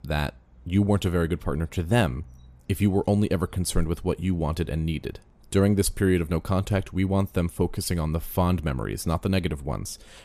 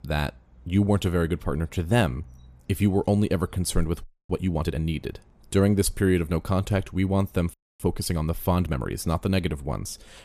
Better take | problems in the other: first | audio freezing; at 4 s and at 7.5 s

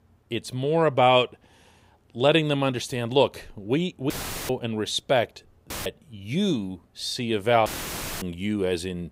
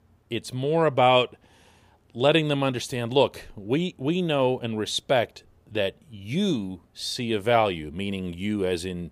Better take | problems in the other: second | audio cutting out; filled with static; at 4 s, at 5.5 s and at 7.5 s for 0.5 s

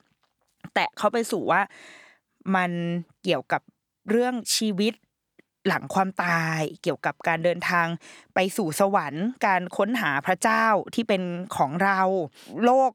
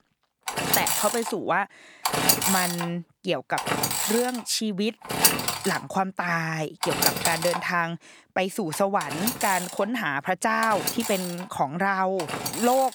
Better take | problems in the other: first | machinery noise; very loud; throughout; 1 dB above the speech

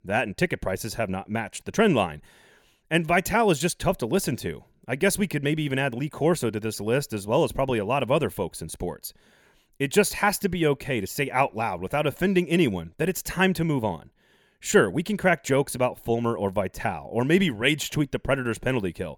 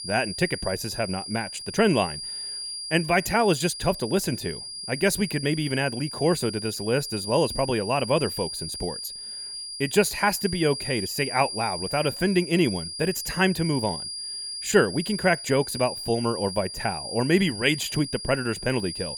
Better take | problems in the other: first | high-pitched whine; loud; throughout; 5 kHz, 7 dB below the speech

